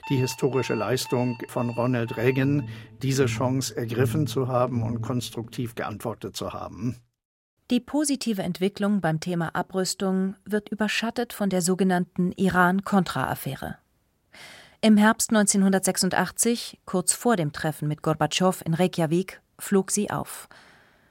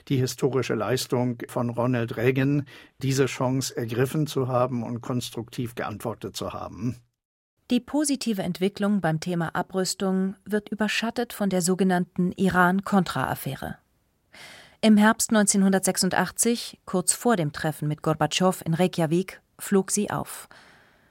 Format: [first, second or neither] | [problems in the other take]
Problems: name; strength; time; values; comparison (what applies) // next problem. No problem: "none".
second | alarms or sirens; noticeable; until 5.5 s; 10 dB below the speech